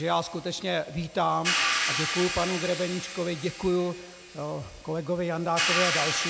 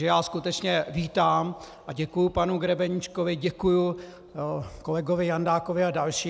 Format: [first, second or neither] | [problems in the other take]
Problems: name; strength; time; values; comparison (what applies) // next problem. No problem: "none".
second | background sound (Hi-hat); 2 dB below the speech